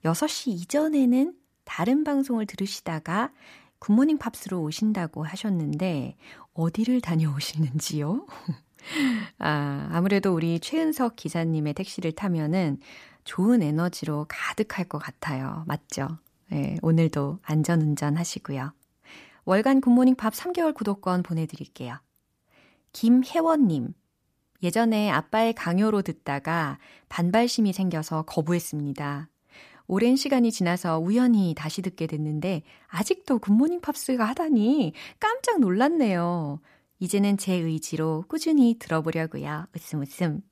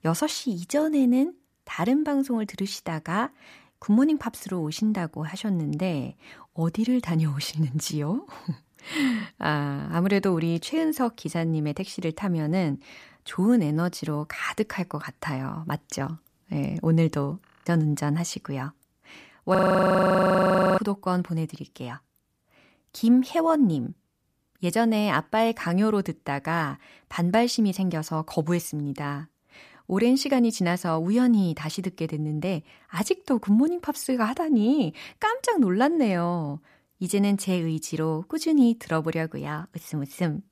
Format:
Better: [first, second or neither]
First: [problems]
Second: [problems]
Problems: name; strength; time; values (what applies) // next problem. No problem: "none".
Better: first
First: none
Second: audio freezing; at 17 s and at 20 s for 1 s